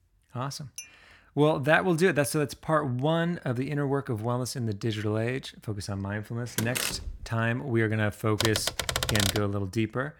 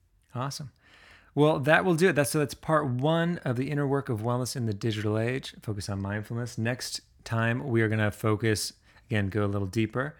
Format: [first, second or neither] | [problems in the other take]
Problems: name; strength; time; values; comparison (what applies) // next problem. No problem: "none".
second | clattering dishes; faint; at 1 s; peak 15 dB below the speech // door banging; noticeable; at 6.5 s; peak 1 dB below the speech // keyboard typing; loud; at 8.5 s; peak 2 dB above the speech